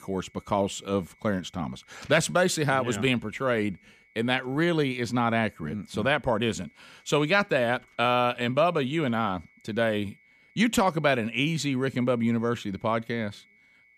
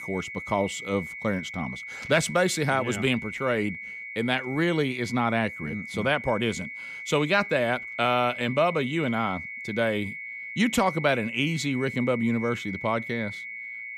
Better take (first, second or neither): first